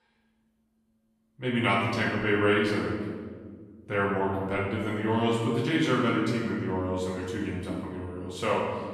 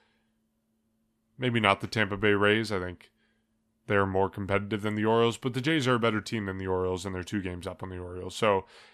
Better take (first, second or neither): second